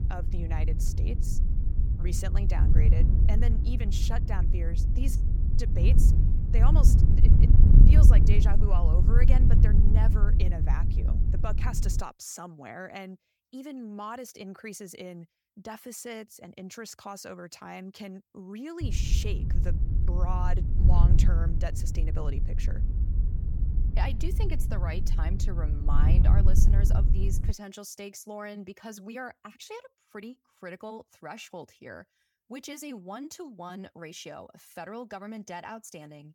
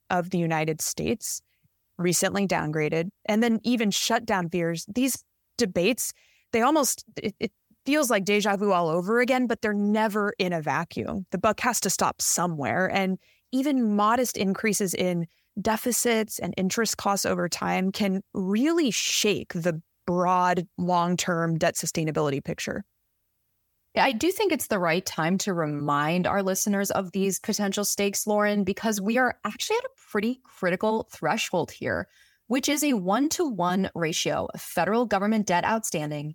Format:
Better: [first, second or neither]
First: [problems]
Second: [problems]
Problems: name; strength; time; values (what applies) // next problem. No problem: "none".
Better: second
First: wind noise on the microphone; heavy; until 12 s and from 19 to 28 s; 1 dB below the speech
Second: none